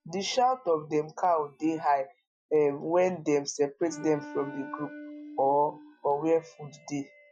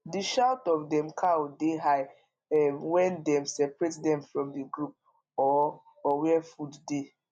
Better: second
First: noise reduction (classical method Wiener filter)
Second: none

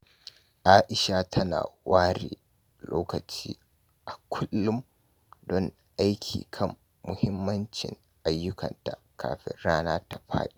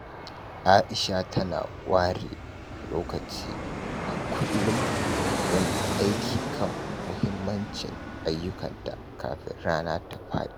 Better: first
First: none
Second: background sound (Fixed-wing aircraft, airplane); 3 dB below the speech

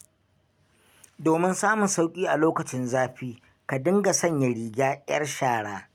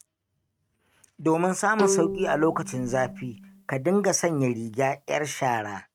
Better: first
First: none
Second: noise reduction (neural mask model RNNoise)

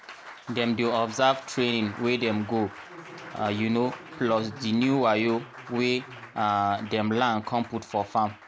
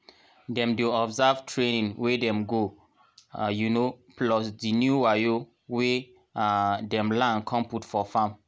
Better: second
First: background sound (Applause); 16 dB below the speech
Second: none

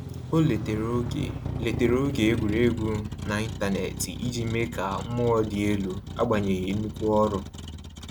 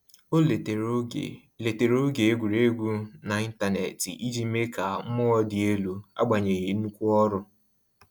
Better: second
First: background sound (Motor vehicle (road)); 7 dB below the speech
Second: none

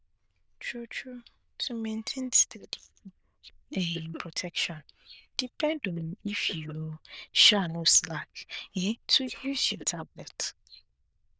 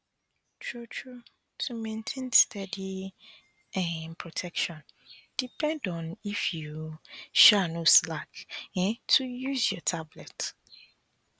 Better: second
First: noise reduction (neural diffusion model UNIVERSE++)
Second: none

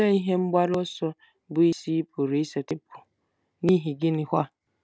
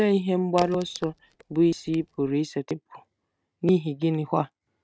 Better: first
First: none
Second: noise reduction (neural mask model RNNoise)

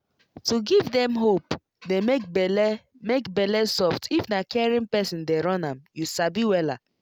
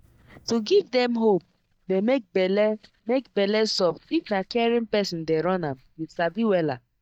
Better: first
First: none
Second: noise reduction (neural mask model DeepFilterNet 3)

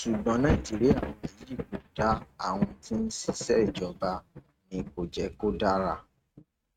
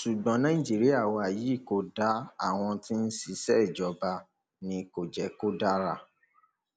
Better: second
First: noise reduction (neural mask model RNNoise)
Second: none

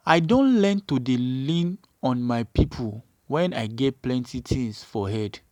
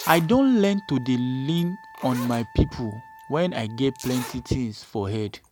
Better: first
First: none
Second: background sound (Zipper (clothing) + Wind instrument, woodwind instrument); 17 dB below the speech

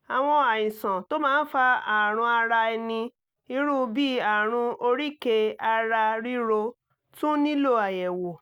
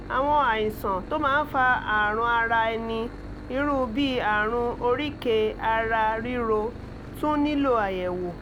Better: first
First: none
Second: background sound (Engine / Boat, Water vehicle); 13 dB below the speech

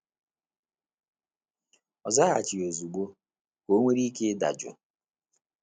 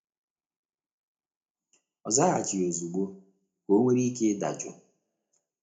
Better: first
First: none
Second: room echo; dies away in 0.4 s

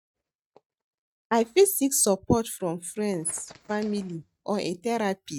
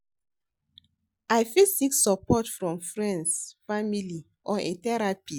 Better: second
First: noise reduction (neural mask model RNNoise)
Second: none

